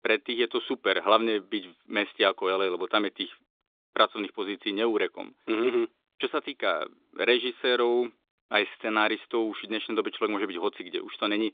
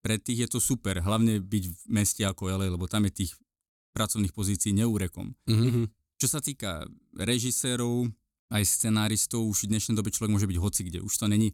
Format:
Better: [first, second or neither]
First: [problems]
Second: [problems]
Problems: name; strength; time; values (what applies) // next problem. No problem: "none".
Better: second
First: phone-call audio; nothing above 3.5 kHz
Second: none